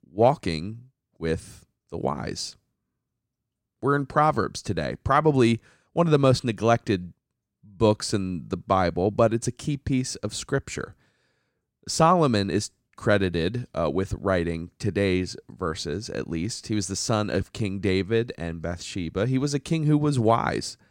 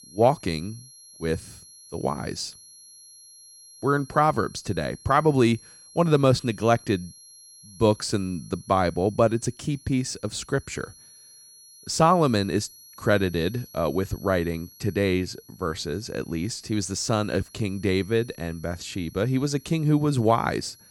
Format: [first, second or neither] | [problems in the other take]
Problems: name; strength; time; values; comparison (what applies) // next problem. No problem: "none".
first | high-pitched whine; faint; throughout; 11 kHz, 20 dB below the speech